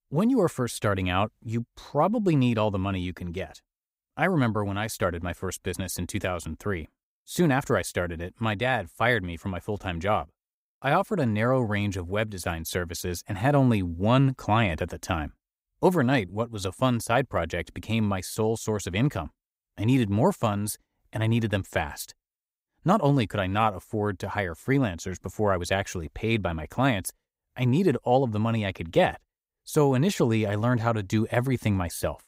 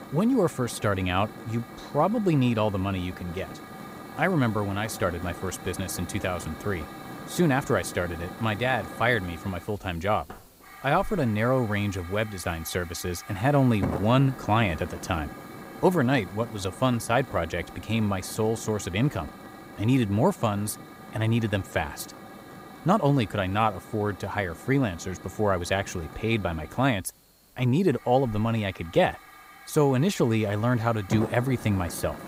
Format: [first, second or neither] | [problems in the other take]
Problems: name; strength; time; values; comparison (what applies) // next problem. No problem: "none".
first | hiss; noticeable; throughout; 15 dB below the speech